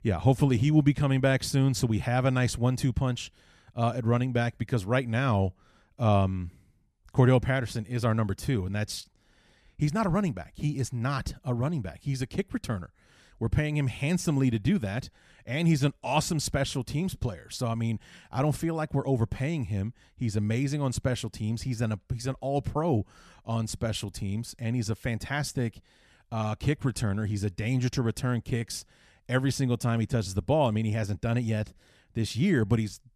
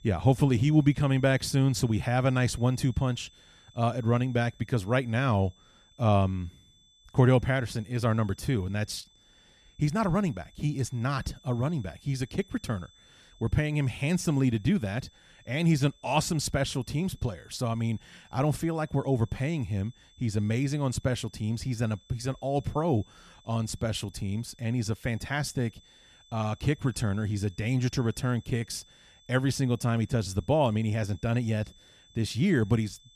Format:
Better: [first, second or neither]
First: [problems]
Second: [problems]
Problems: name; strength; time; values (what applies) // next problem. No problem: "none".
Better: first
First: none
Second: high-pitched whine; faint; throughout; 3.5 kHz, 30 dB below the speech